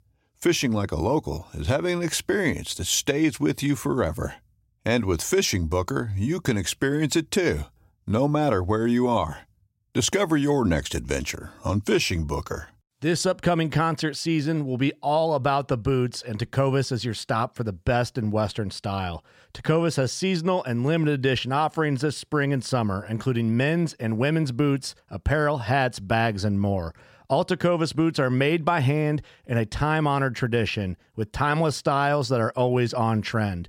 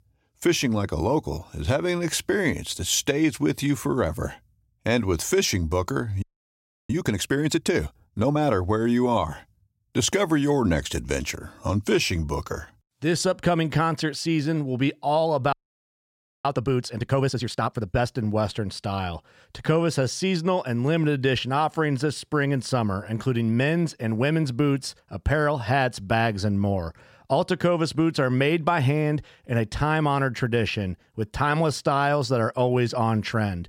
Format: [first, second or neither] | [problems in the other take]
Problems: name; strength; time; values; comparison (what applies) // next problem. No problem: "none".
first | audio freezing; at 6 s for 0.5 s and at 16 s for 1 s